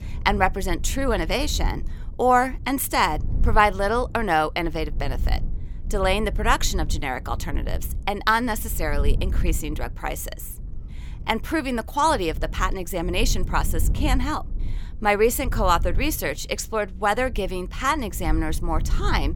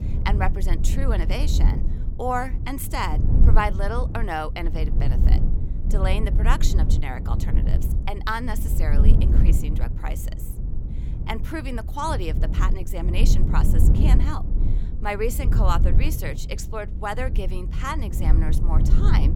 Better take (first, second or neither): first